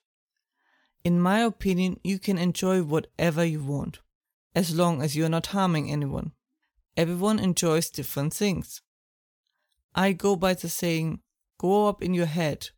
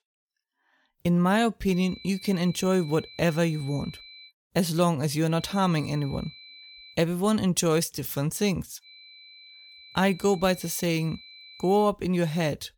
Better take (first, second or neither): first